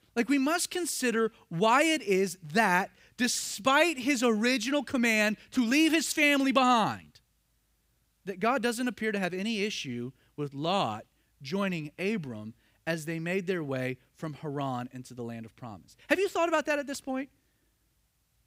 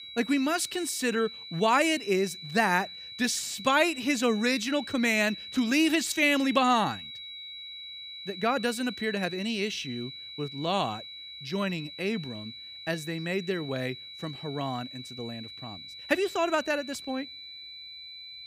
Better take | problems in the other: first | high-pitched whine; noticeable; throughout; 4 kHz, 10 dB below the speech

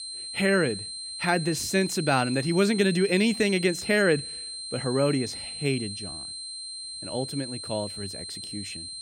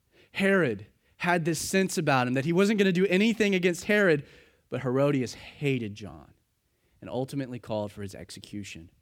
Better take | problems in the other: second | high-pitched whine; loud; throughout; 4 kHz, 8 dB below the speech

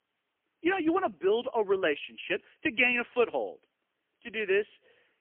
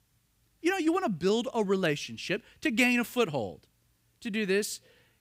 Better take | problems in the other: second | phone-call audio; poor line; nothing above 3 kHz

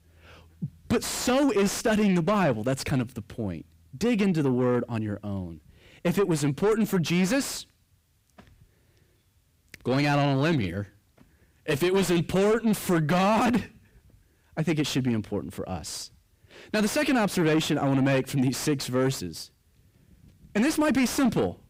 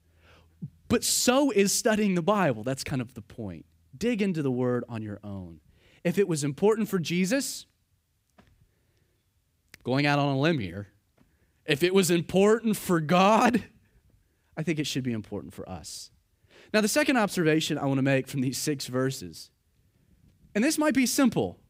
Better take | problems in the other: second | distortion; heavy; 7 dB below the speech

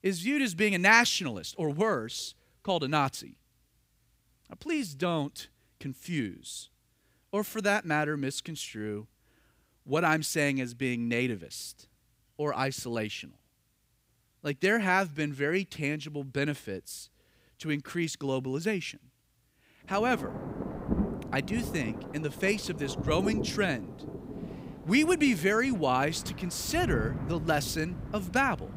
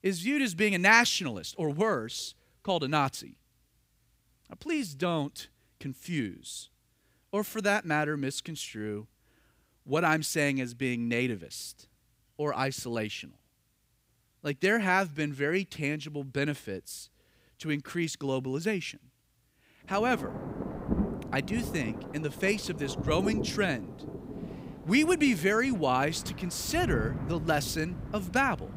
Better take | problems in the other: neither | rain or running water; loud; from 20 s on; 9 dB below the speech; the same in both

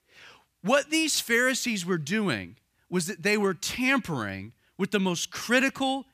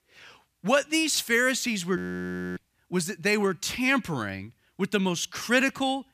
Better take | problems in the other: first | audio freezing; at 2 s for 0.5 s

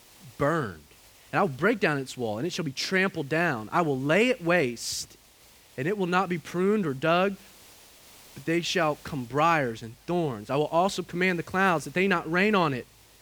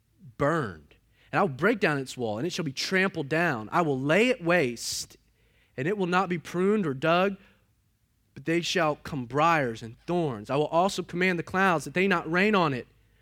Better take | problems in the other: second | hiss; faint; throughout; 25 dB below the speech

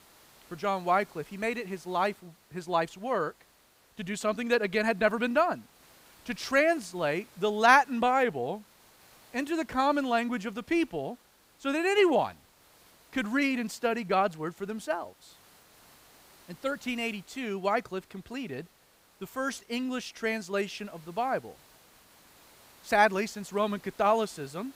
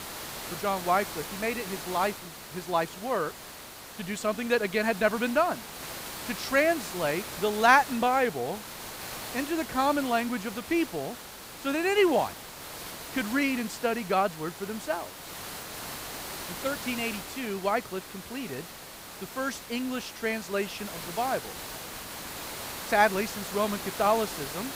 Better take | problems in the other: first | hiss; loud; throughout; 10 dB below the speech; faint in the first

